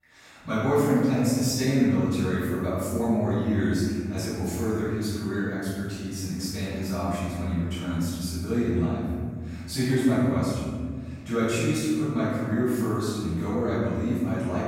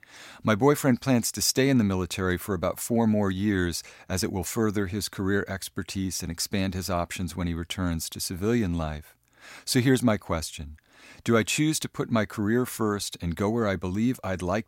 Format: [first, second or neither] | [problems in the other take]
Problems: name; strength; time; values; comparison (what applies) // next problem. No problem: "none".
second | room echo; strong; dies away in 2.5 s // off-mic speech; far